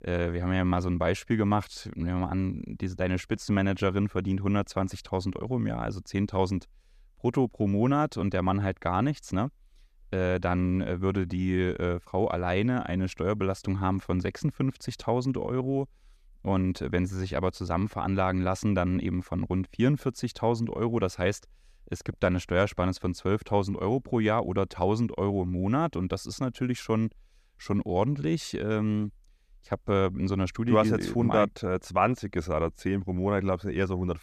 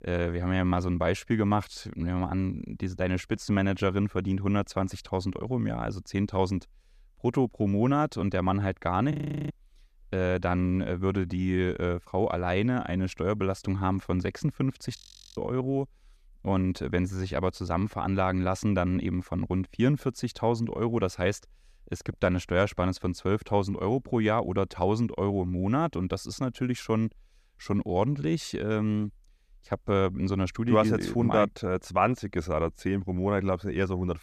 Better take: first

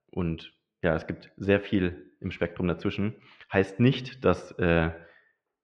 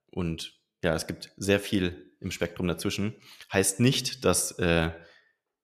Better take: second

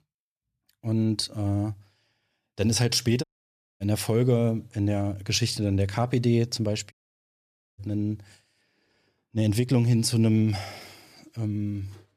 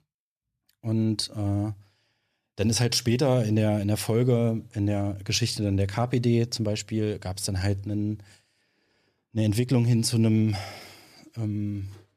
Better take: second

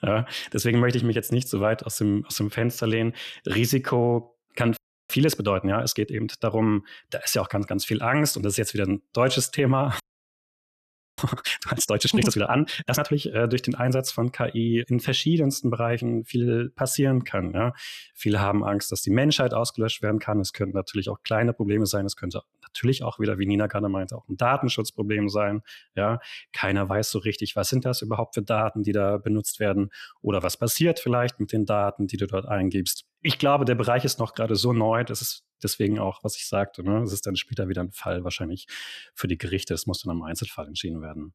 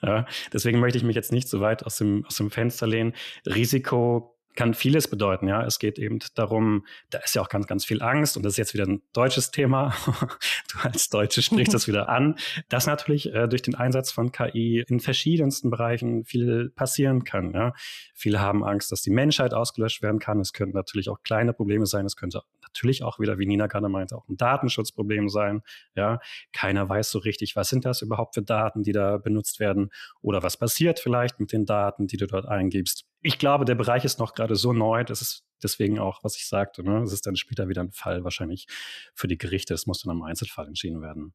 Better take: second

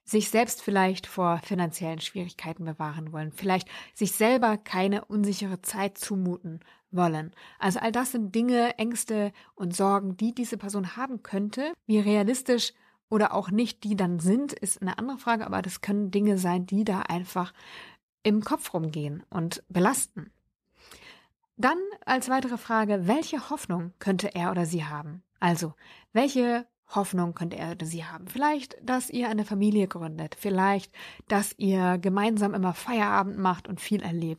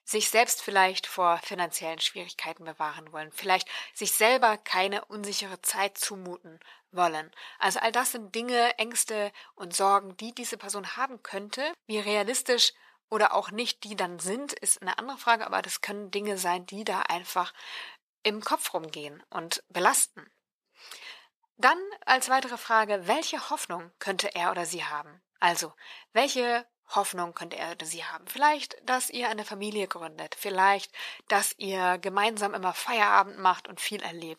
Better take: first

